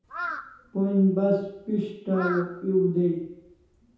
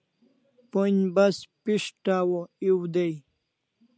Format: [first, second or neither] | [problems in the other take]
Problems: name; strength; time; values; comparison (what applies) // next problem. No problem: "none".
second | background sound (Crow); 13 dB below the speech // room echo; dies away in 0.8 s